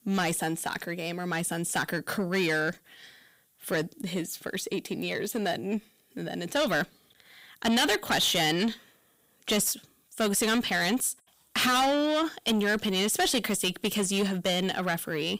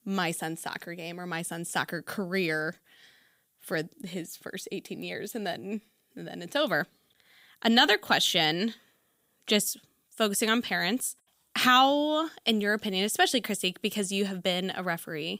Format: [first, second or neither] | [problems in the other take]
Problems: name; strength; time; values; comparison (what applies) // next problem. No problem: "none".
second | distortion; heavy; 6 dB below the speech